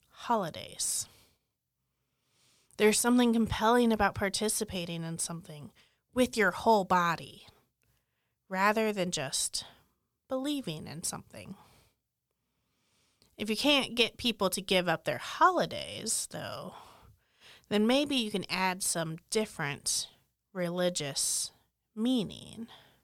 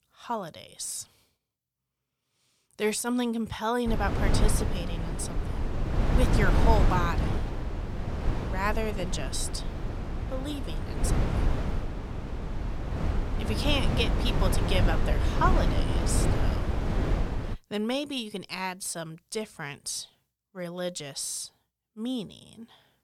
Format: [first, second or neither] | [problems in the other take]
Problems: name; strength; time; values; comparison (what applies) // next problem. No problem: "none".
first | wind noise on the microphone; heavy; from 4 to 18 s; 4 dB below the speech